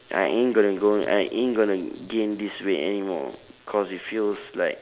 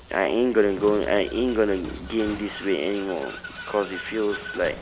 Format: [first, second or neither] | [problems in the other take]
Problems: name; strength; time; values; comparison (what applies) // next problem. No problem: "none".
first | background sound (Vehicle); 14 dB below the speech